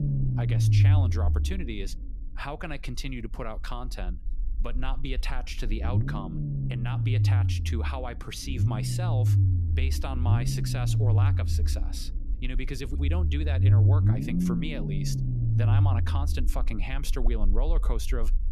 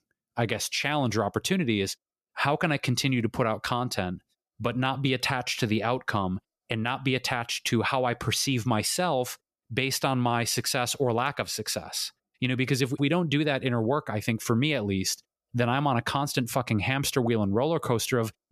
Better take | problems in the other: second | low rumble; loud; throughout; 1 dB below the speech

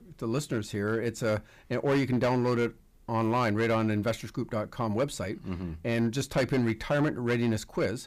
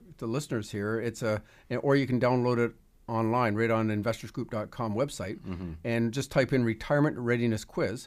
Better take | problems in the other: second | distortion; slight; 7% of the sound clipped

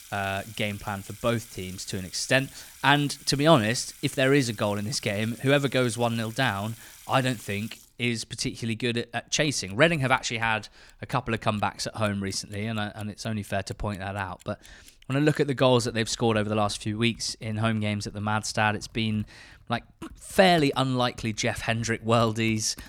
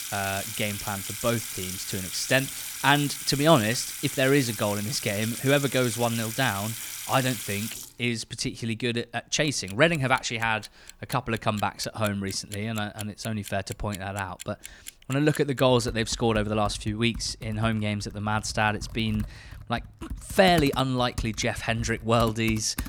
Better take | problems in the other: first | household noises; loud; throughout; 10 dB below the speech; faint in the first

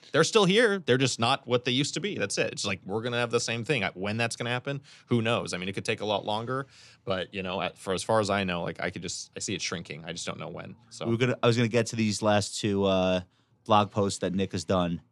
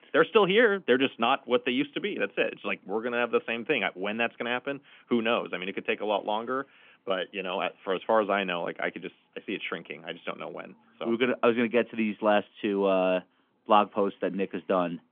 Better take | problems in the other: first | phone-call audio; nothing above 3.5 kHz

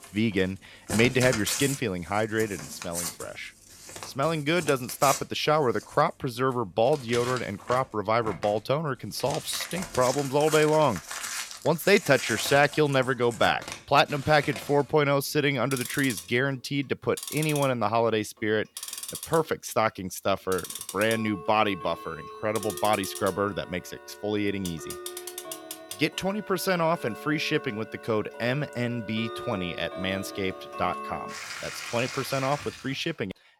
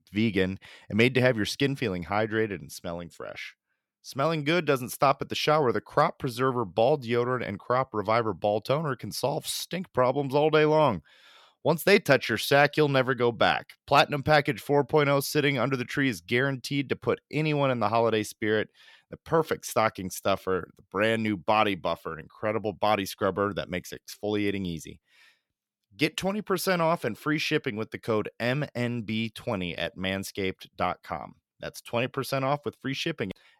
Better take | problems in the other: second | household noises; loud; throughout; 10 dB below the speech

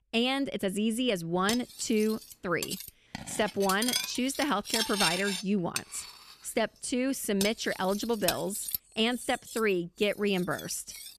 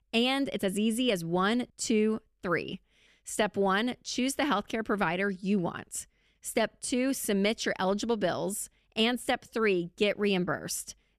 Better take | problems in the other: second | clattering dishes; loud; from 1.5 s on; peak 4 dB above the speech

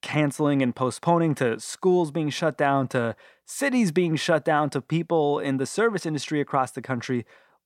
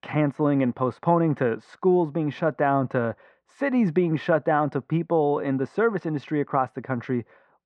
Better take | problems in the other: first | muffled; very; fading above 1.5 kHz

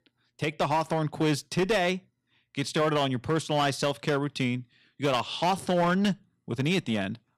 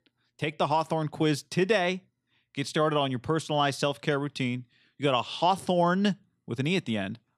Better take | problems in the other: second | distortion; slight; 9% of the sound clipped

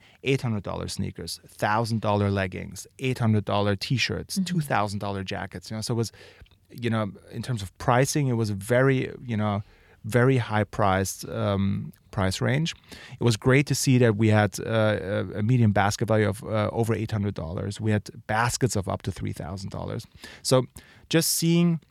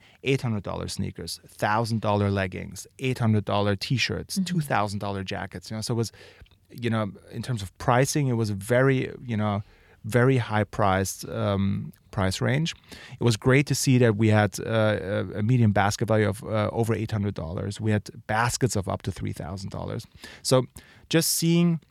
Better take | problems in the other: neither | none

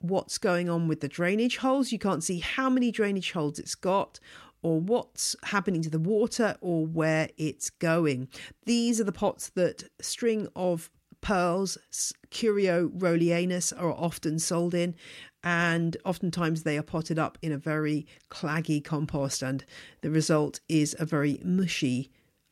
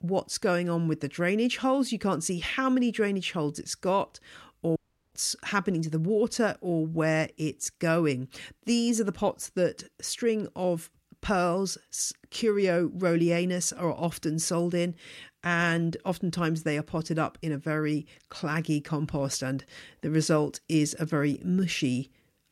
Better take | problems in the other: first | audio cutting out; at 5 s

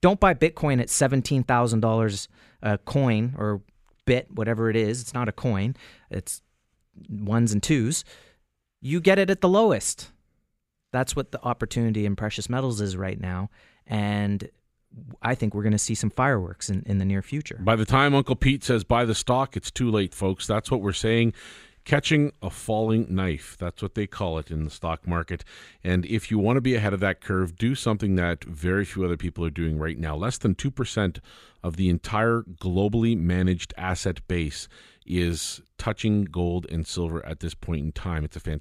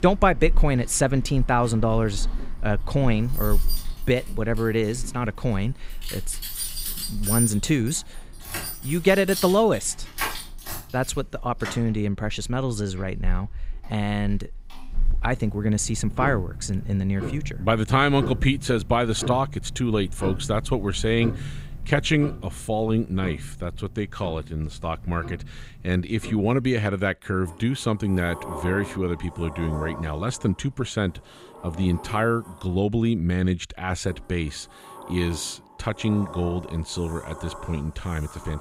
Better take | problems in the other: first | household noises; loud; throughout; 9 dB below the speech

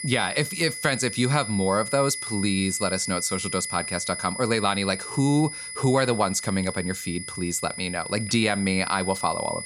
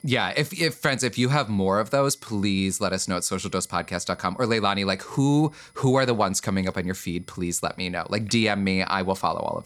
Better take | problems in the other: second | high-pitched whine; loud; throughout; 2 kHz, 7 dB below the speech; faint in the second

